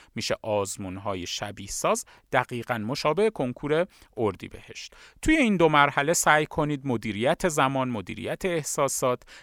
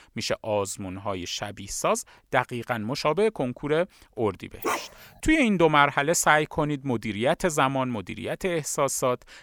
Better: first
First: none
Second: dog barking; noticeable; at 4.5 s; peak 4 dB below the speech

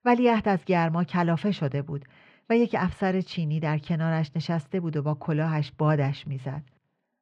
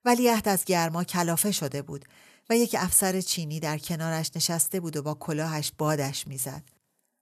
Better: second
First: muffled; very; fading above 3 kHz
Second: none

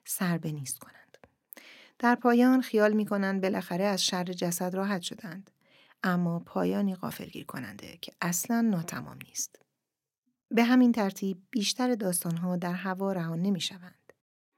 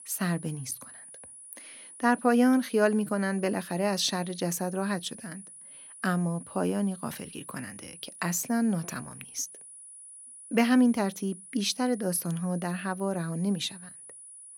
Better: first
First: none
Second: high-pitched whine; noticeable; throughout; 10 kHz, 15 dB below the speech

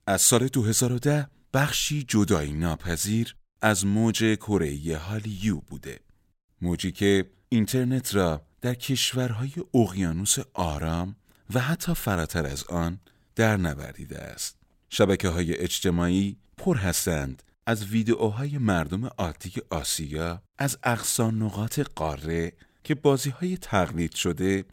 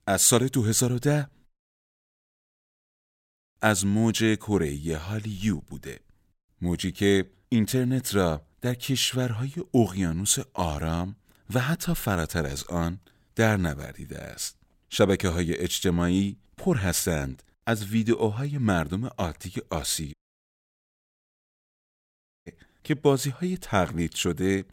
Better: first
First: none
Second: audio cutting out; at 1.5 s for 2 s and at 20 s for 2.5 s

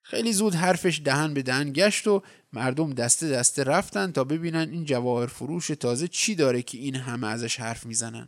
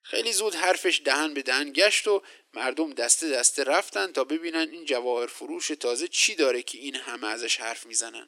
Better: first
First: none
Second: thin; somewhat; fading below 300 Hz

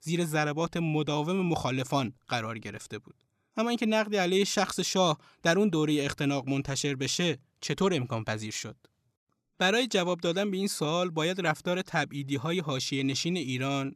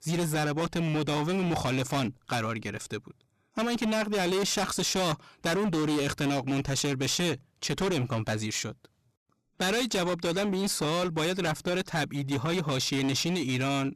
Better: first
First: none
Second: distortion; heavy; 25% of the sound clipped

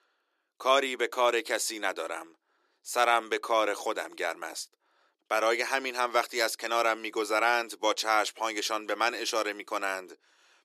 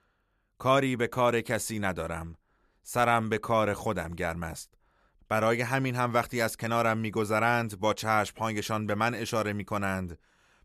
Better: second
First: thin; very; fading below 300 Hz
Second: none

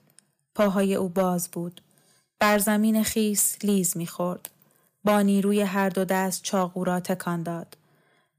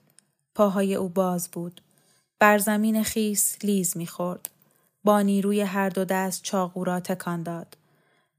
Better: second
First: distortion; slight; 2% of the sound clipped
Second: none

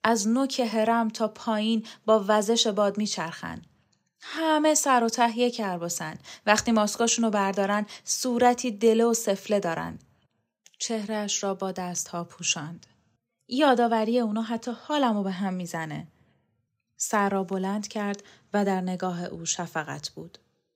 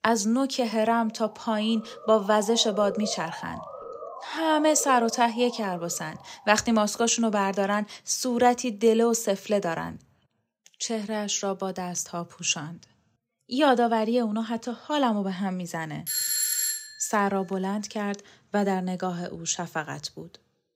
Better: first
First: none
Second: siren; noticeable; from 1 to 6.5 s; peak 10 dB below the speech // doorbell; loud; at 16 s; peak 3 dB above the speech

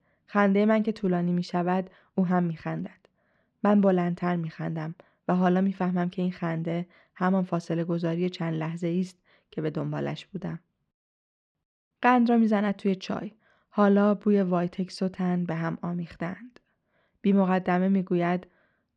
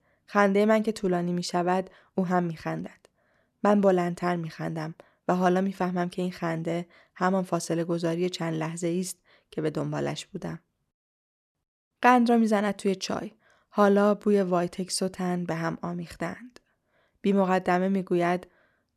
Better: second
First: muffled; very slightly; fading above 3 kHz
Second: none

